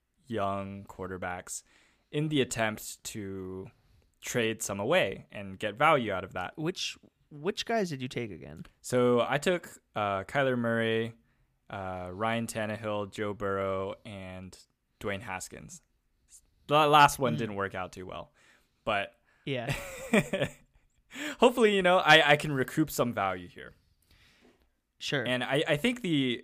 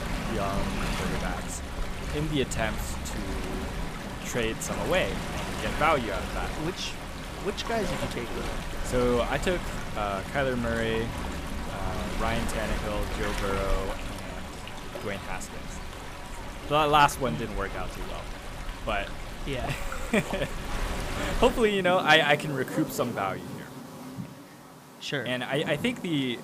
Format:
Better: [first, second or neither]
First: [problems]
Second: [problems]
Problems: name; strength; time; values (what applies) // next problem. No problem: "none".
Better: first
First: none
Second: rain or running water; loud; throughout; 6 dB below the speech